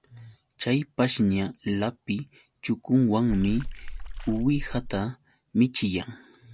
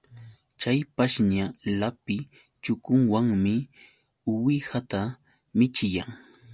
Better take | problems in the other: second | background sound (Water / Splash, splatter); 6 dB below the speech

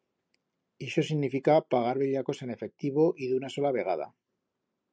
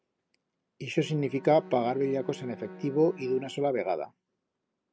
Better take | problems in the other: first | background sound (Bowed string instrument); 18 dB below the speech

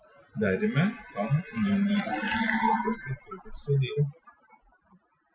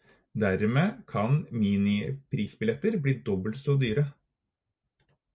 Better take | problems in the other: second | noise reduction (classical method Wiener filter)

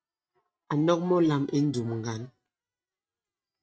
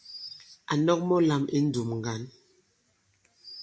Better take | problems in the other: second | noise reduction (neural mask model RNNoise)

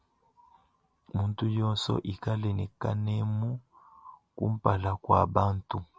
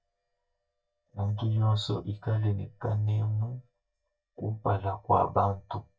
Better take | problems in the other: first | noise reduction (neural mask model DeepFilterNet 3)

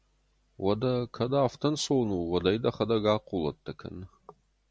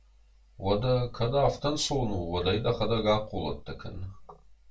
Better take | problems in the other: first | room echo; dies away in 0.2 s

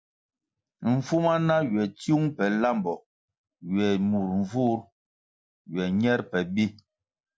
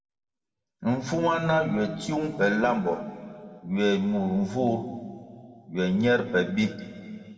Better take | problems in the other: first | room echo; dies away in 2 s

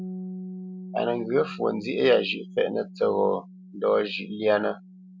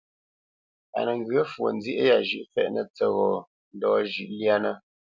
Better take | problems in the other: second | background sound (Bass guitar); 14 dB below the speech

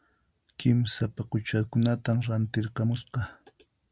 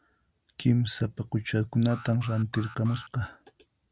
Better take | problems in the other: first | background sound (Alarm); 18 dB below the speech

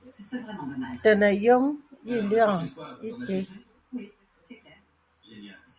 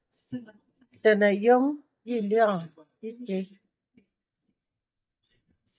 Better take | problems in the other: first | noise reduction (neural mask model DeepFilterNet 3)

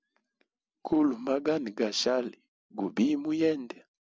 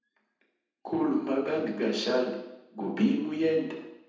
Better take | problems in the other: first | room echo; dies away in 0.9 s

